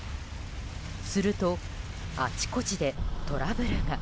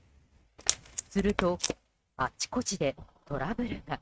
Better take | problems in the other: first | noise reduction (neural mask model RNNoise)

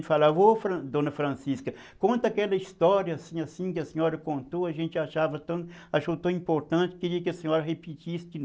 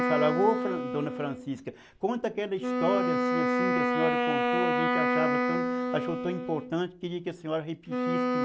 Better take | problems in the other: first | background sound (Wind instrument, woodwind instrument); 3 dB above the speech

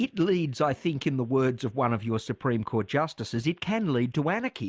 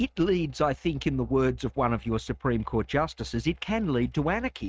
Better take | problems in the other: first | noise reduction (neural mask model RNNoise)

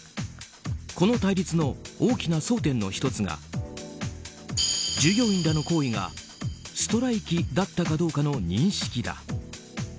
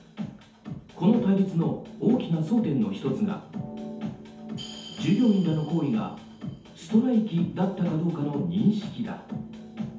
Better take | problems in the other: first | room echo; dies away in 0.6 s

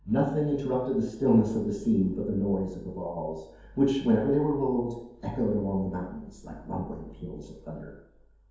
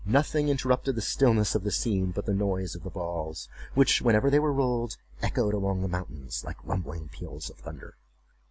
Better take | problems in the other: second | room echo; dies away in 0.9 s

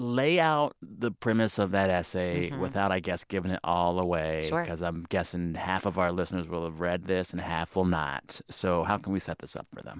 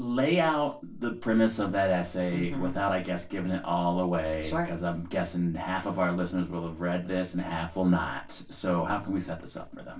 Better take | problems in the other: first | room echo; dies away in 0.3 s

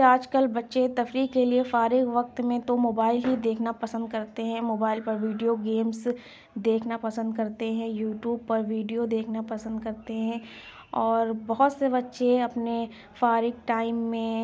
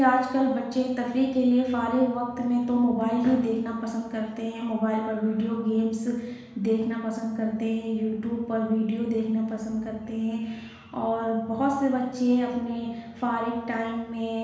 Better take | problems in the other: first | room echo; dies away in 1.1 s

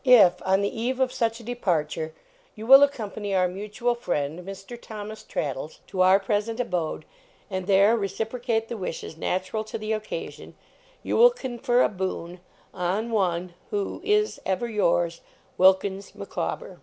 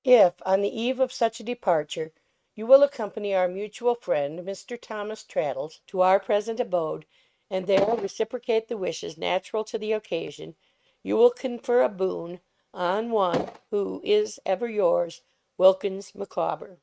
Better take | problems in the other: first | noise reduction (neural mask model RNNoise)

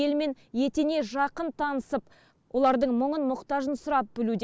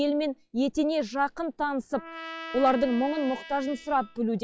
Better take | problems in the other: first | noise reduction (classical method log-MMSE)

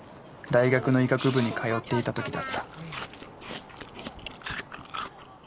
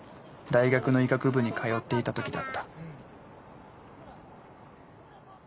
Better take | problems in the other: second | background sound (Chewing, mastication); 13 dB below the speech

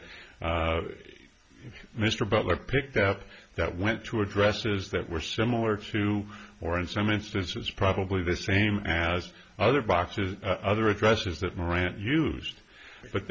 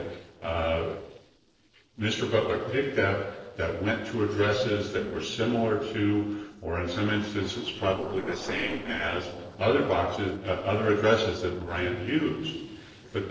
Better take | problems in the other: first | noise reduction (neural separator model SepFormer DNS4)

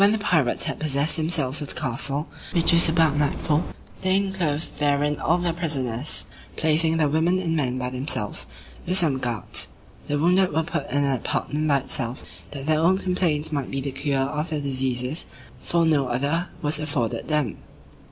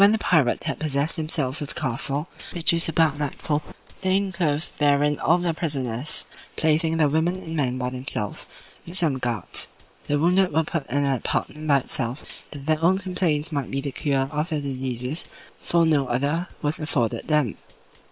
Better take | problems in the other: first | noise reduction (neural separator model SepFormer WHAM!)

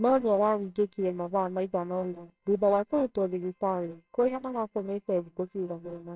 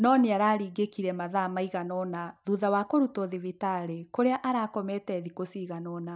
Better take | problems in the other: second | noise reduction (neural separator model SepFormer WHAMR!)

